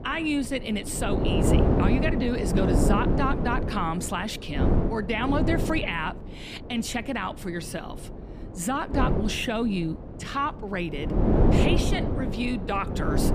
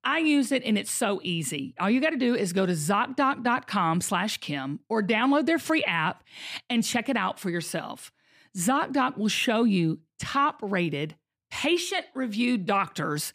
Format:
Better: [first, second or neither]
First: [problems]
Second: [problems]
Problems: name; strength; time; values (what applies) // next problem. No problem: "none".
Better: second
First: wind noise on the microphone; heavy; 2 dB below the speech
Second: none